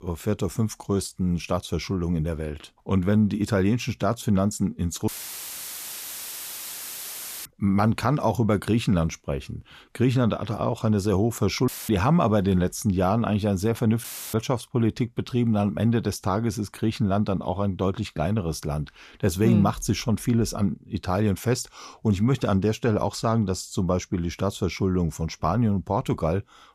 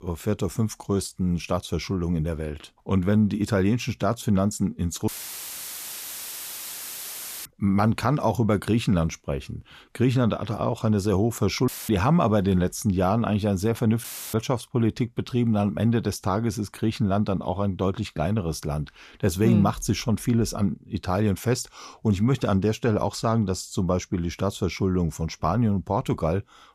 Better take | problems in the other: neither | audio cutting out; filled with static; at 5 s for 2.5 s, at 12 s and at 14 s; the same in both

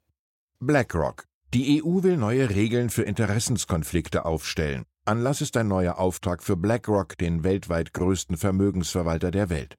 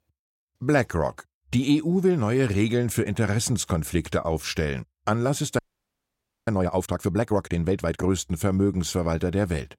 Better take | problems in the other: first | audio freezing; at 5.5 s for 1 s

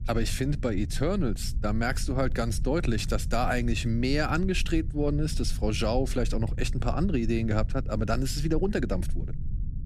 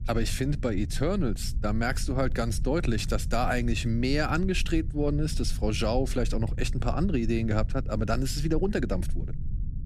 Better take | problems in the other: neither | low rumble; noticeable; throughout; 20 dB below the speech; the same in both

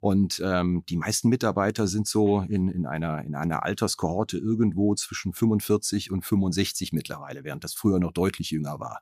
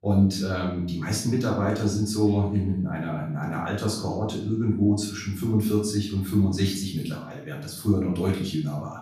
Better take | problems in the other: first | off-mic speech; far // room echo; noticeable; dies away in 0.6 s

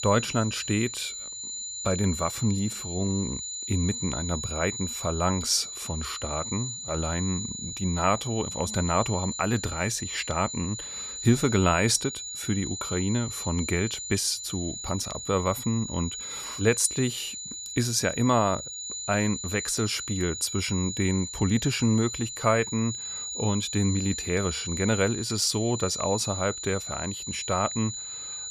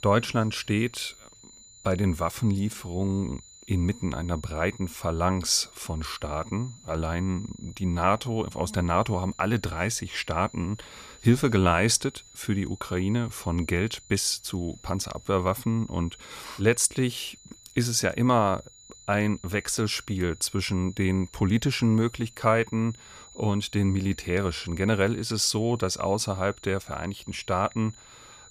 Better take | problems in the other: second | high-pitched whine; loud; throughout; 7 kHz, 5 dB below the speech; faint in the second

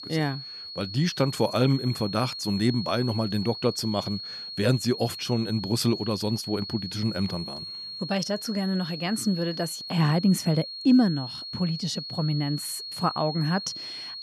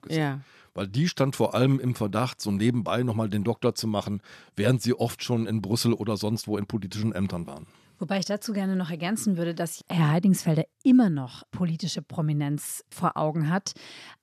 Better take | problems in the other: second | high-pitched whine; loud; throughout; 4.5 kHz, 8 dB below the speech

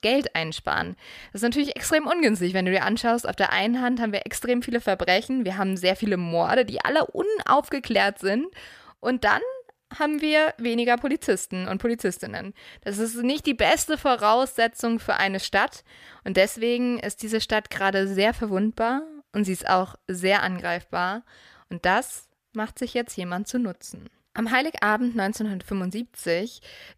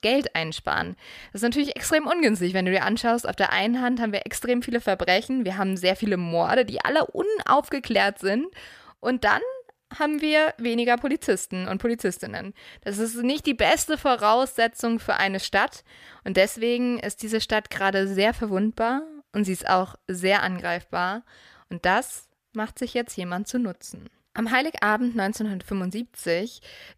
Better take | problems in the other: neither | none

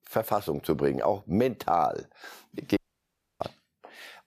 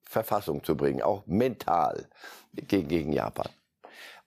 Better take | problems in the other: second | audio cutting out; at 3 s for 0.5 s

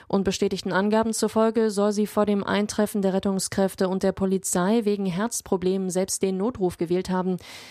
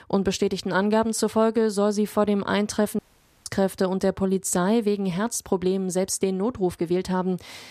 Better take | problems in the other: first | audio cutting out; at 3 s

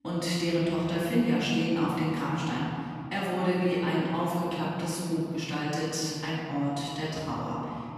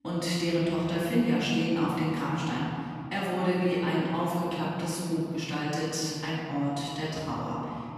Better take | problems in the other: neither | off-mic speech; far; the same in both // room echo; strong; dies away in 2.8 s; the same in both

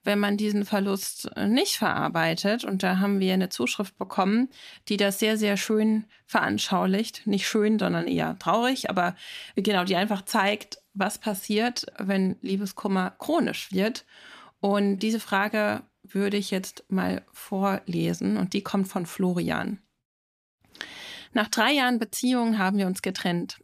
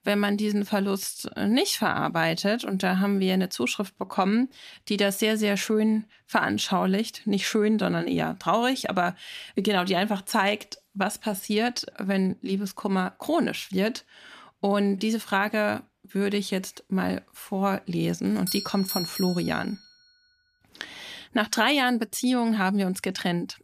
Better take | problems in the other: first | doorbell; noticeable; from 18 to 20 s; peak 4 dB below the speech

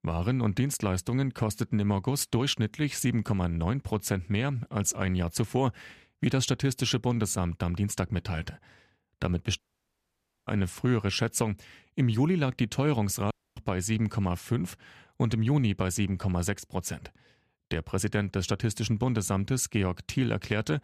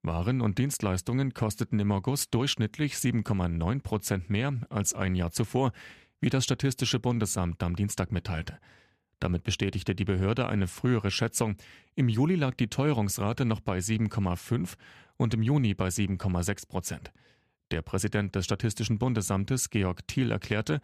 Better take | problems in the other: second | audio cutting out; at 9.5 s for 1 s and at 13 s

